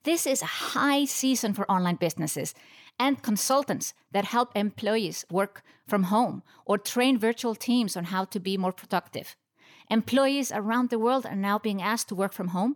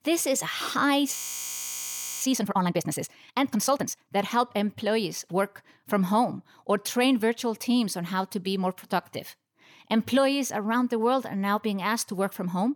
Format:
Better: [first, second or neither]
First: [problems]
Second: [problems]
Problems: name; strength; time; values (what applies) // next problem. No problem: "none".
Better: first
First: none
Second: audio freezing; at 1 s for 1 s